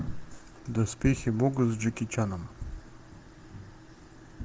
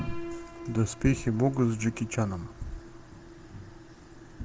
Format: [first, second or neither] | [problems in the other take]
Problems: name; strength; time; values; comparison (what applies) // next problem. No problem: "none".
first | background sound (Piano); 15 dB below the speech